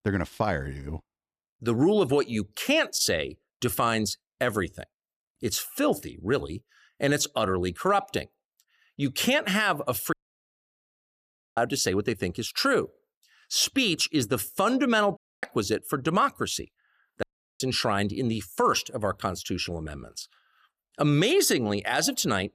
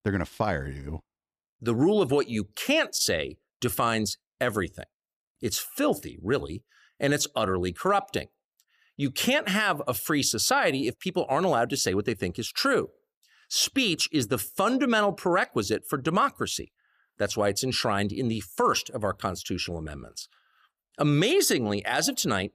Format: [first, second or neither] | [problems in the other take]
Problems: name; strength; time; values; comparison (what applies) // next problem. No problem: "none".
second | audio cutting out; at 10 s for 1.5 s, at 15 s and at 17 s